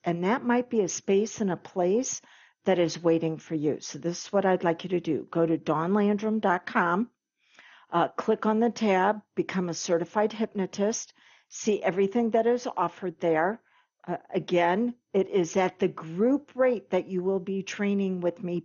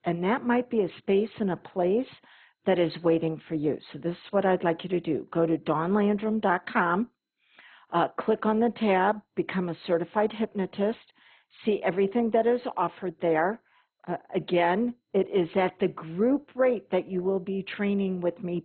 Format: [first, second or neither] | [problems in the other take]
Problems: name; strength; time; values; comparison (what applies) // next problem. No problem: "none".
first | garbled, watery; badly; nothing above 4 kHz; slightly in the first